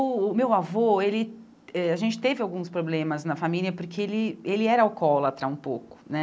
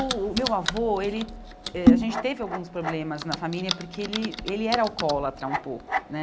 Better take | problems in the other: first | background sound (Typing); as loud as the speech

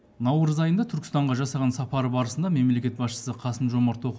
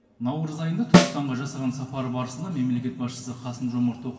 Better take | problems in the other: first | background sound (Snare drum); 3 dB above the speech // room echo; dies away in 2.7 s

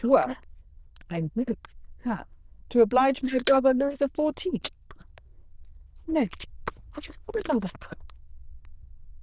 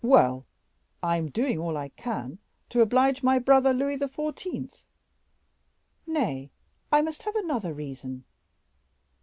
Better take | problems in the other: second | noise reduction (neural diffusion model UNIVERSE++)

